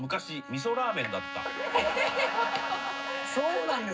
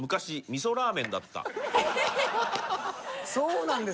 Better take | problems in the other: second | background sound (Trumpet); 8 dB below the speech // room echo; dies away in 0.4 s

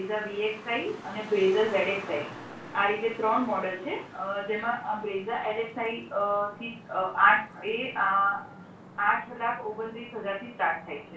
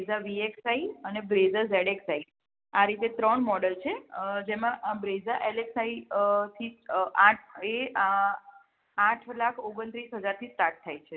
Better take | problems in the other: second | background sound (Traffic noise, roadway noise); 16 dB below the speech // room echo; dies away in 0.3 s

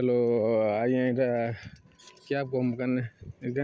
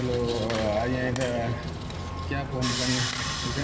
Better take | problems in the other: first | background sound (Sawing); 3 dB below the speech // room echo; dies away in 1.6 s

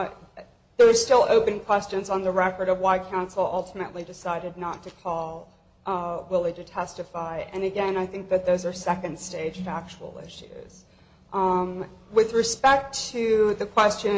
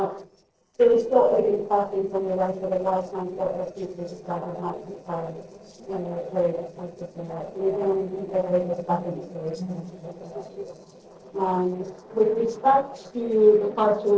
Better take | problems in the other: first | noise reduction (neural separator model SepFormer DNS4)

